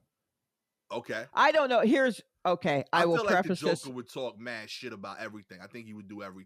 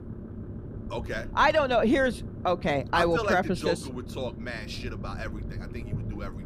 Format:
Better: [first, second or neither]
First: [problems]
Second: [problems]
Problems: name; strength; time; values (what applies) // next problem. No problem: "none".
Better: first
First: none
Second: low rumble; faint; throughout; 20 dB below the speech